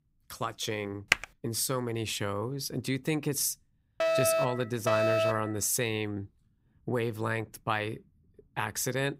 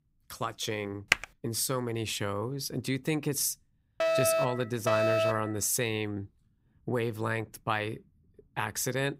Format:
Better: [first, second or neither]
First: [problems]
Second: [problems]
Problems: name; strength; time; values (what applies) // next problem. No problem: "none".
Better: neither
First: keyboard typing; very faint; at 1 s; peak 4 dB above the speech // alarm; loud; from 4 to 5.5 s; peak 6 dB above the speech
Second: keyboard typing; very faint; at 1 s; peak 4 dB above the speech // alarm; loud; from 4 to 5.5 s; peak 6 dB above the speech